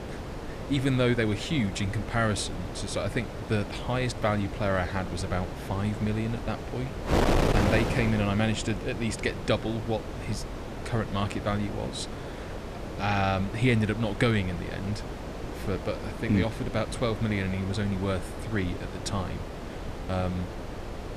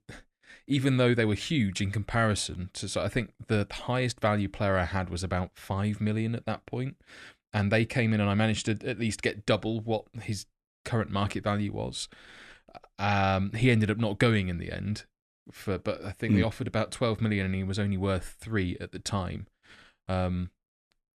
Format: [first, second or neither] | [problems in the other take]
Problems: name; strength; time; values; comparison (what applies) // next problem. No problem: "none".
second | wind noise on the microphone; heavy; 6 dB below the speech